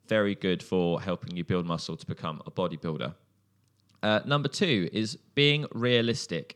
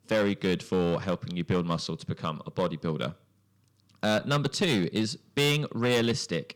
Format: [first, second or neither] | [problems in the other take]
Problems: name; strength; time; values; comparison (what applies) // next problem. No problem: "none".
first | distortion; slight; 6% of the sound clipped